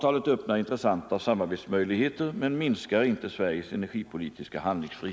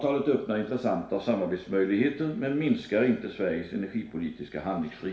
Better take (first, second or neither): first